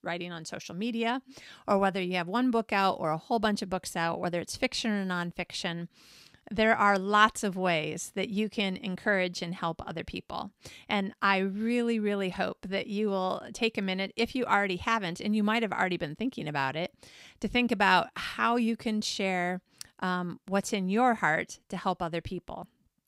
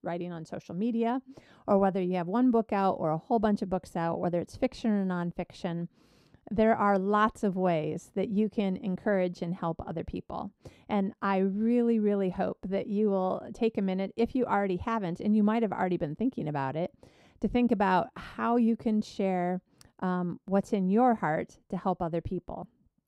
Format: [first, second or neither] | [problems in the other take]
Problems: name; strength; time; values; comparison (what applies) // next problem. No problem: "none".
first | muffled; slightly; fading above 1.5 kHz